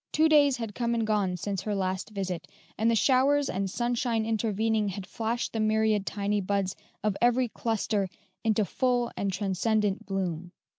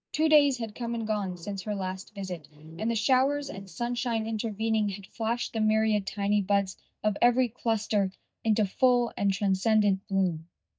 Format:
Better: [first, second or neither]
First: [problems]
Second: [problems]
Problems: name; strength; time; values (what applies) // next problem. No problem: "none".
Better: first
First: none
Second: noise reduction (neural mask model DeepFilterNet 3)